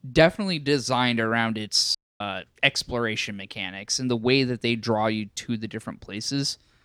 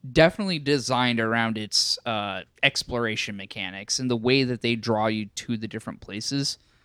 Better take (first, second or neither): second